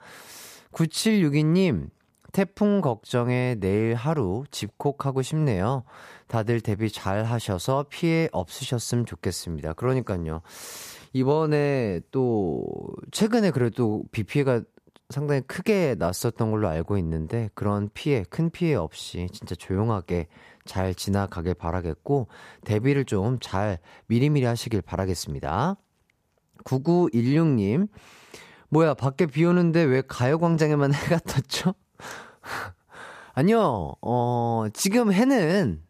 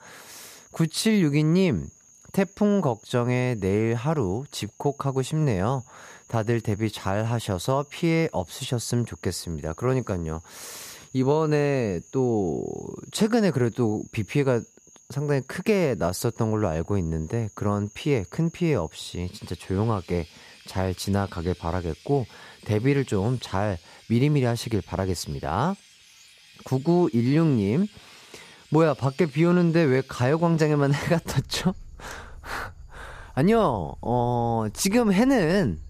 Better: first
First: none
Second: animal sounds; faint; throughout; 25 dB below the speech

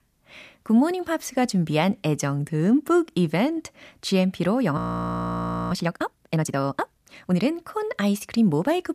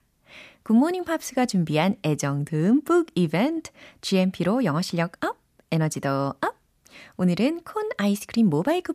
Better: second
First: audio freezing; at 5 s for 1 s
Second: none

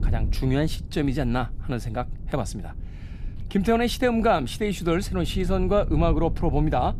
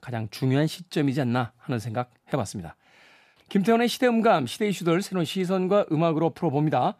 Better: second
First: low rumble; faint; throughout; 20 dB below the speech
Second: none

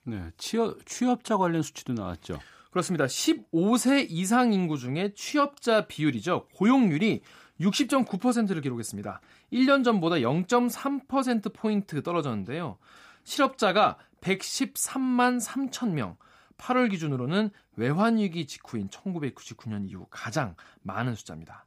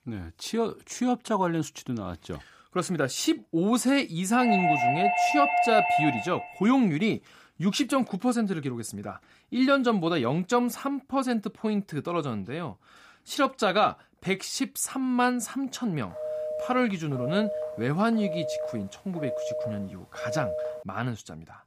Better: first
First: none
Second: doorbell; loud; from 4.5 to 6.5 s; peak 5 dB above the speech // phone ringing; noticeable; from 16 to 21 s; peak 4 dB below the speech

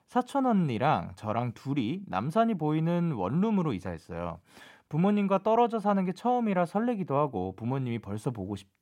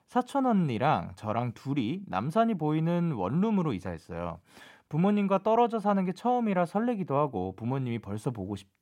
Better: neither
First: none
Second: none

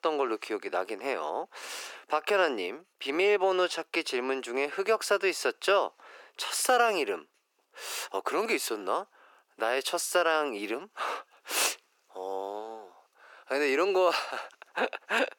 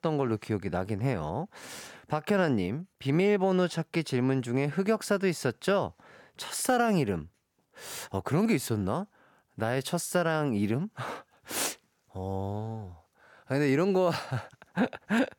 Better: second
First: thin; very; fading below 350 Hz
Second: none

